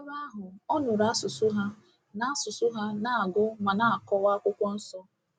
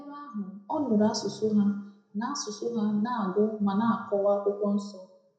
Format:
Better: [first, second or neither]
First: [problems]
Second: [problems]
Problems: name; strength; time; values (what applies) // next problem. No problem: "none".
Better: first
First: none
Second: room echo; dies away in 0.6 s